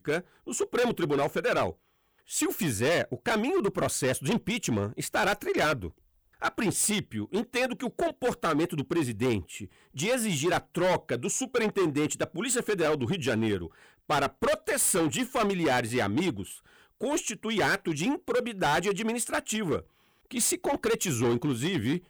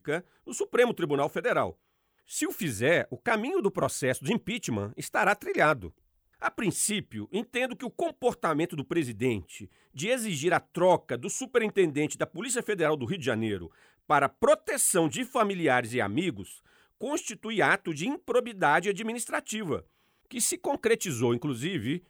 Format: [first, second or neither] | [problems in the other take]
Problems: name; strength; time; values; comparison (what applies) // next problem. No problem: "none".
second | distortion; heavy; 12% of the sound clipped